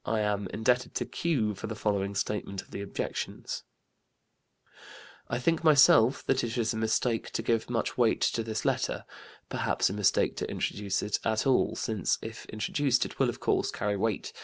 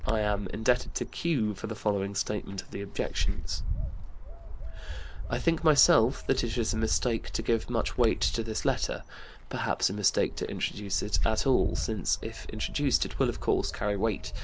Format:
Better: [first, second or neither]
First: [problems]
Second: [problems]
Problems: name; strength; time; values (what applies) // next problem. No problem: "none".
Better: first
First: none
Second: background sound (Bird); 3 dB below the speech